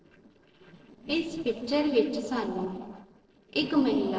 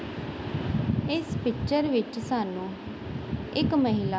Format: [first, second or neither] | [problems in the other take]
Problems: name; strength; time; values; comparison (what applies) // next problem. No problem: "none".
second | noise reduction (neural separator model SepFormer DNS4)